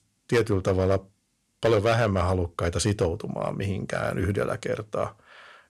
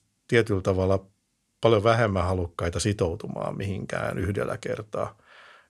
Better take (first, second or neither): second